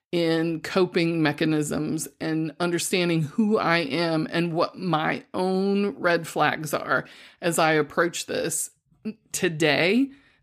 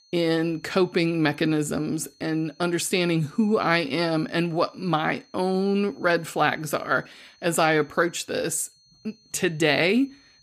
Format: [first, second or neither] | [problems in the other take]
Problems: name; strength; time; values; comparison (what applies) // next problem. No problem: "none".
first | high-pitched whine; faint; throughout; 4.5 kHz, 30 dB below the speech